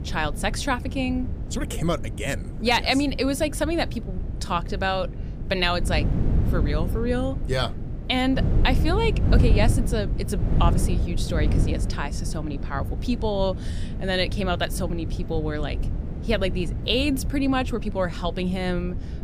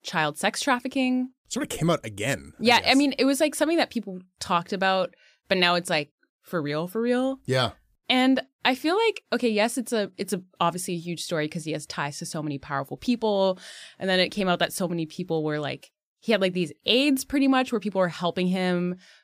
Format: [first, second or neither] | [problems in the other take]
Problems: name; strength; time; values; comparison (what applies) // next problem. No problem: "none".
second | wind noise on the microphone; occasional gusts; 10 dB below the speech